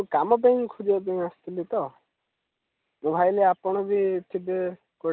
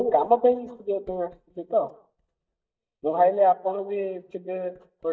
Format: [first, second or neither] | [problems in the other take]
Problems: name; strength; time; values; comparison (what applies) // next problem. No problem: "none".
first | noise reduction (neural mask model DeepFilterNet 3)